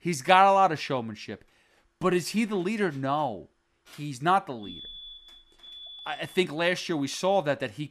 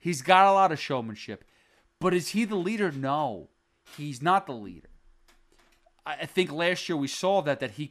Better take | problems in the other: second | alarm; faint; from 4.5 to 6.5 s; peak 15 dB below the speech

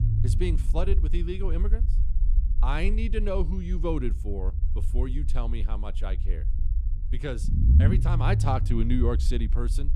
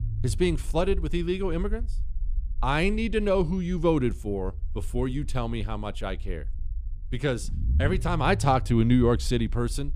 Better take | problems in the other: second | low rumble; loud; throughout; 9 dB below the speech; faint in the second

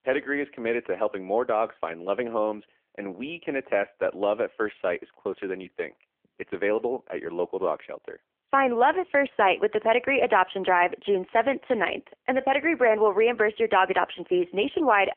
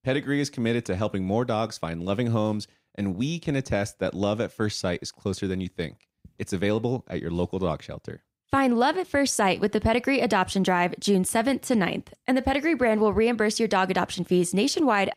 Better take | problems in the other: second | phone-call audio; nothing above 3 kHz

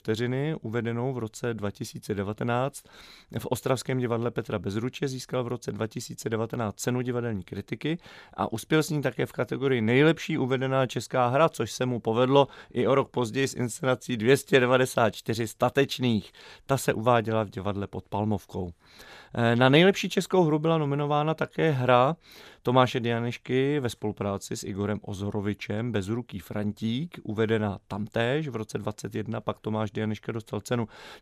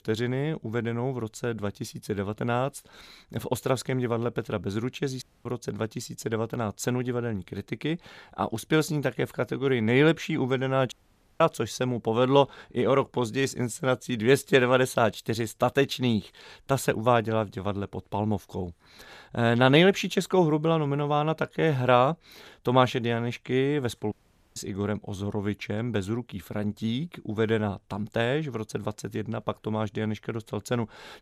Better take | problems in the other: first | audio cutting out; at 5 s, at 11 s and at 24 s

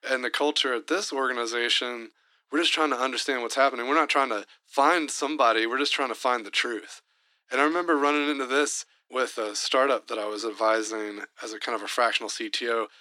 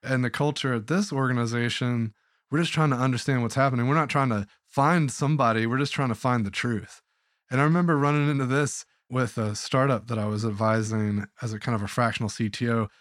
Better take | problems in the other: second | thin; somewhat; fading below 300 Hz

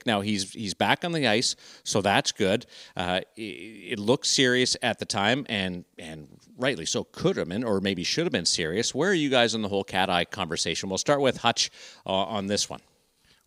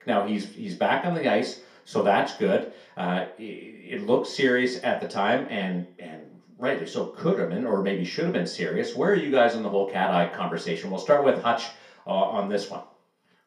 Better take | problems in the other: first | room echo; slight; dies away in 0.4 s // off-mic speech; far

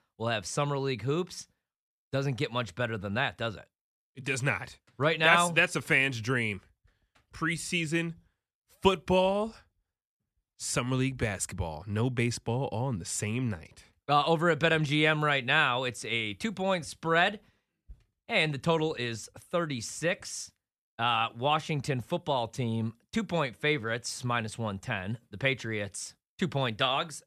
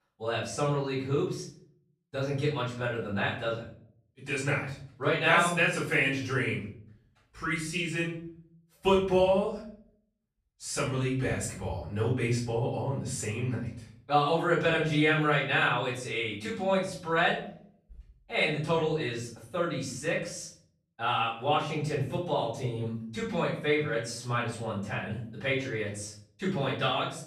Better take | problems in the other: first | off-mic speech; far // room echo; noticeable; dies away in 0.5 s

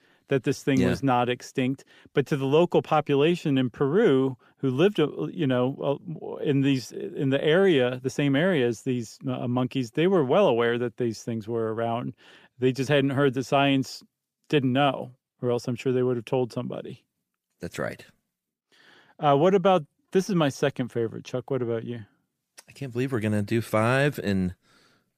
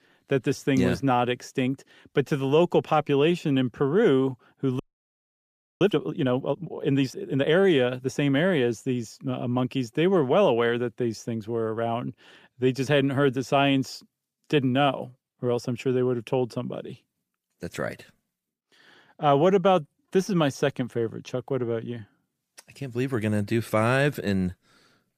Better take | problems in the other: first | audio freezing; at 5 s for 1 s

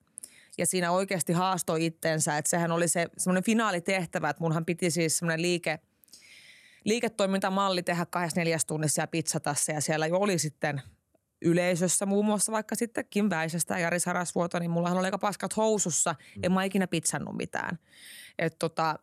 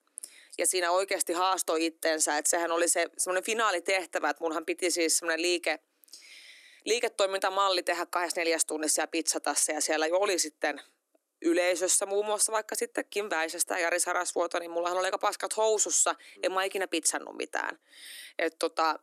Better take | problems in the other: first | thin; very; fading below 300 Hz

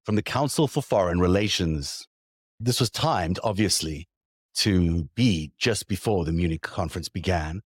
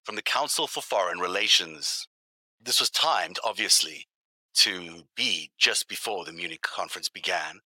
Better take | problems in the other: first | thin; very; fading below 900 Hz

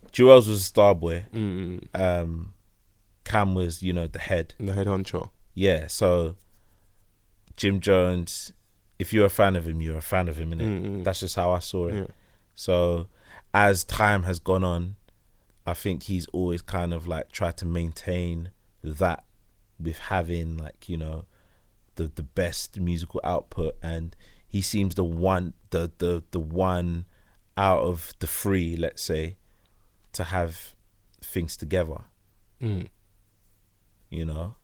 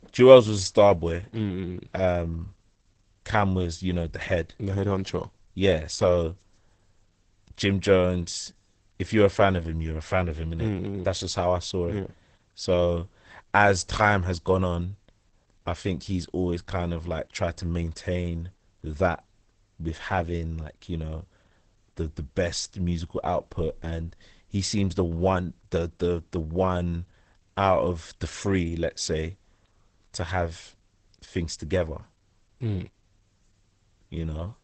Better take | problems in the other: first | garbled, watery; badly; nothing above 8 kHz; slightly in the first

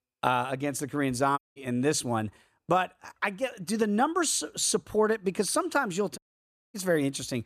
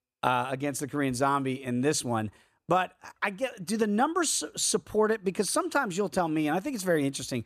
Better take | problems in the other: second | audio cutting out; at 1.5 s and at 6 s for 0.5 s

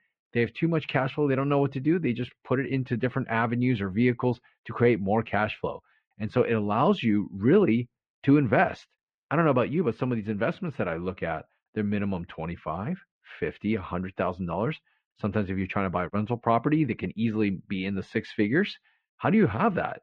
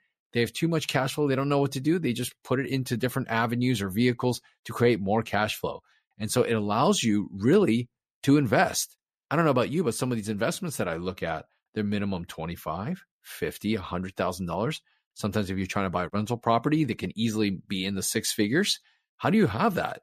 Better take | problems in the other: second | muffled; very; fading above 2.5 kHz

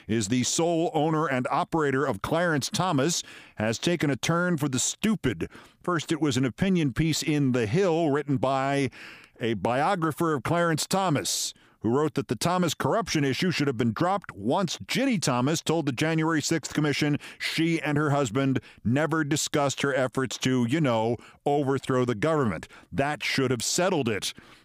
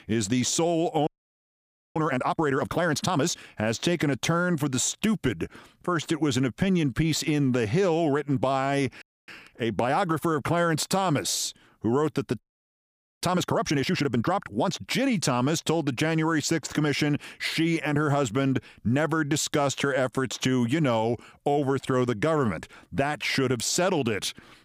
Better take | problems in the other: first | audio freezing; at 1 s for 1 s, at 9 s and at 12 s for 1 s

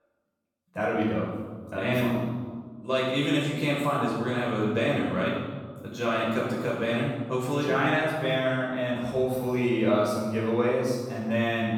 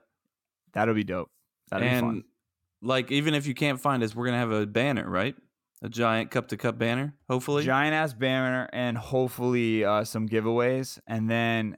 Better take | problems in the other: second | room echo; strong; dies away in 1.3 s // off-mic speech; far

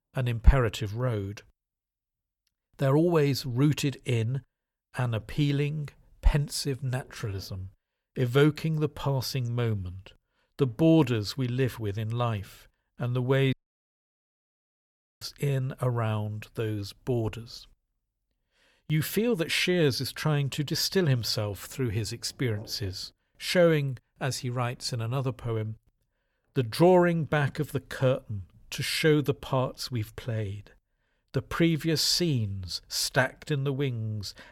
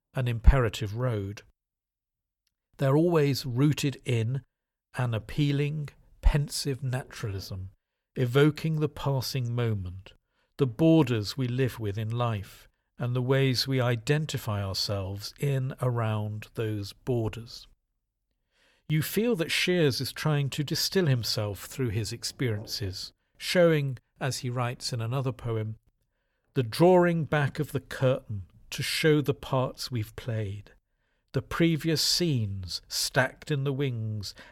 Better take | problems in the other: second | audio cutting out; at 14 s for 1.5 s

